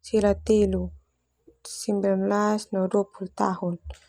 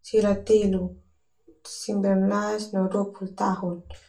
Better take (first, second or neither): first